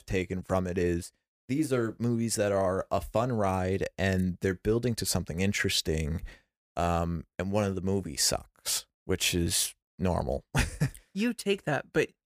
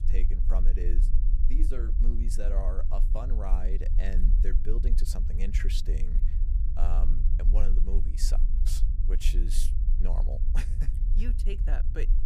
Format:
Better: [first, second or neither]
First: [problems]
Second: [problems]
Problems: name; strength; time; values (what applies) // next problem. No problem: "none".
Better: first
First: none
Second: low rumble; loud; throughout; 8 dB below the speech